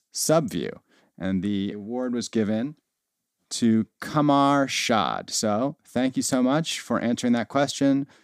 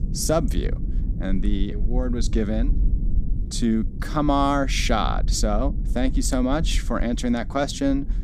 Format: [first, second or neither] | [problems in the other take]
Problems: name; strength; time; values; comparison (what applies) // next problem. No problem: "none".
first | low rumble; noticeable; throughout; 20 dB below the speech